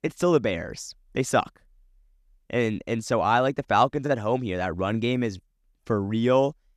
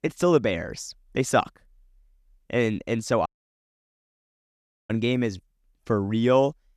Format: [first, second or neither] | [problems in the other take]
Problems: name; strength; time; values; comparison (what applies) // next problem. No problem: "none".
first | audio cutting out; at 3.5 s for 1.5 s